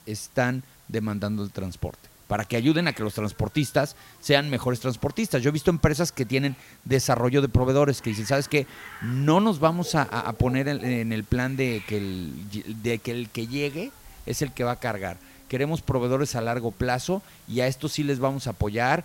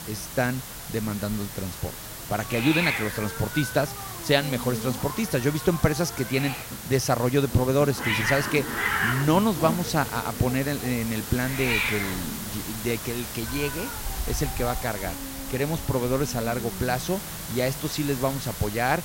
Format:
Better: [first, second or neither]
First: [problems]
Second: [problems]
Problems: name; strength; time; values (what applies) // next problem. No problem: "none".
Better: first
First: hiss; faint; throughout; 20 dB below the speech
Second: hiss; loud; throughout; 4 dB below the speech